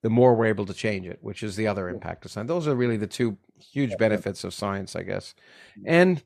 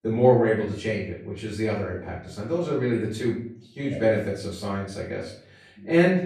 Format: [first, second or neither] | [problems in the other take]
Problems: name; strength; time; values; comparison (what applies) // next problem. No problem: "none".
first | room echo; noticeable; dies away in 0.5 s // off-mic speech; far